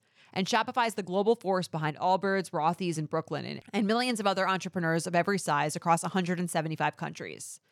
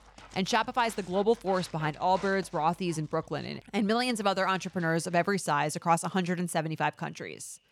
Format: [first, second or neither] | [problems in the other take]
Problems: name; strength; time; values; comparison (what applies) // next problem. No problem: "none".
first | animal sounds; faint; throughout; 20 dB below the speech